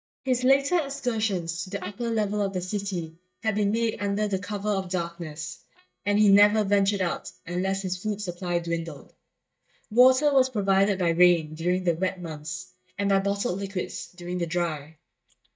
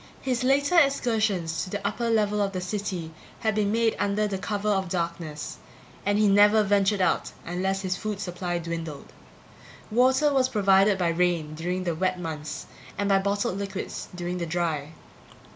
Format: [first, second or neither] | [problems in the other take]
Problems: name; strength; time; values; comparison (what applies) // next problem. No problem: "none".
second | noise reduction (neural mask model DeepFilterNet 3)